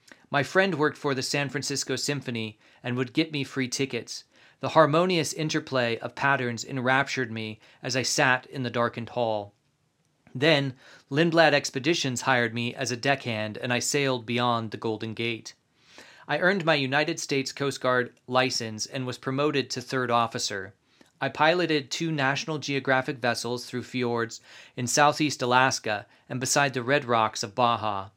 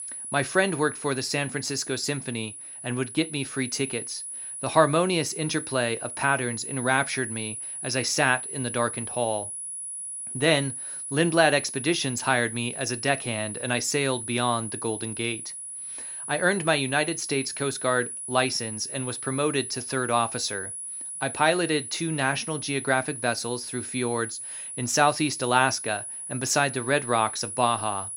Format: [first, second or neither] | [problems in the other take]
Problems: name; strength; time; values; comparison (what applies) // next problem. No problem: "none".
first | high-pitched whine; loud; throughout; 10 kHz, 7 dB below the speech